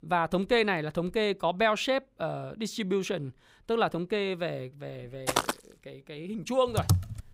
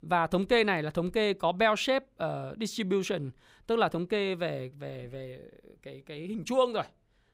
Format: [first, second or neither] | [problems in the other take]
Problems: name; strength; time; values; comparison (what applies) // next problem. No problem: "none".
second | footsteps; loud; at 5.5 s; peak level with the speech // keyboard typing; loud; at 7 s; peak 1 dB above the speech